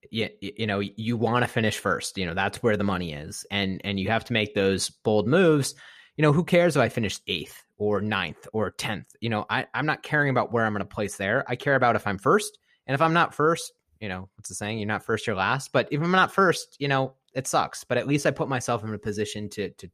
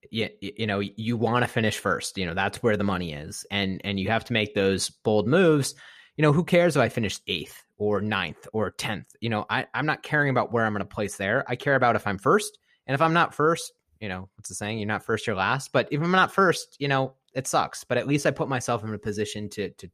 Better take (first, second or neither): neither